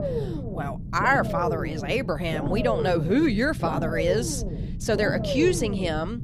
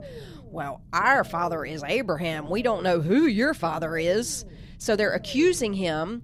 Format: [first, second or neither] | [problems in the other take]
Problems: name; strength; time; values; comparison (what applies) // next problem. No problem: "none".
second | low rumble; loud; throughout; 8 dB below the speech; faint in the second